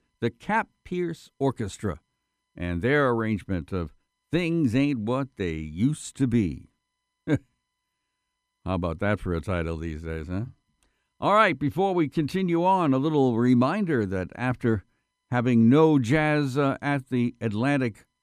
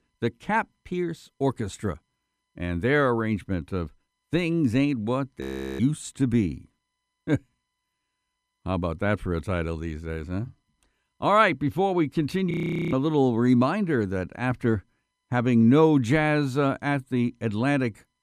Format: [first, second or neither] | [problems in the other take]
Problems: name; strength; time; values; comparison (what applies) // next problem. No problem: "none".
first | audio freezing; at 5.5 s and at 13 s